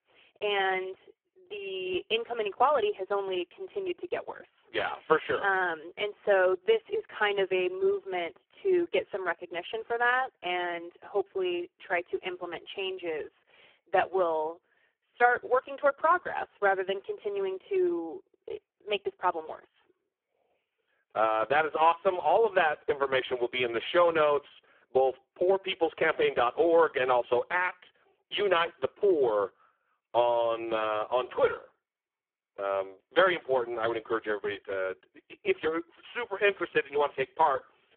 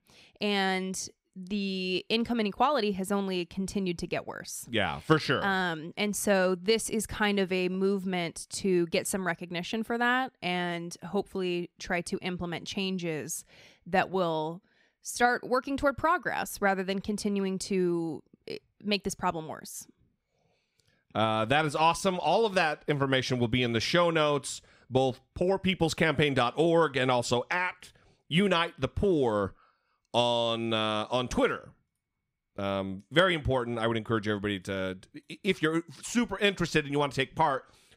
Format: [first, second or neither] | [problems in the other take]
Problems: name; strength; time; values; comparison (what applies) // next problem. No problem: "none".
second | phone-call audio; poor line; nothing above 3.5 kHz